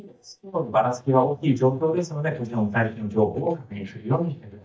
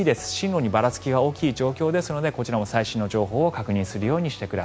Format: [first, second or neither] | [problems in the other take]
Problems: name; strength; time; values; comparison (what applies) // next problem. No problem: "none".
second | noise reduction (neural mask model DeepFilterNet 3)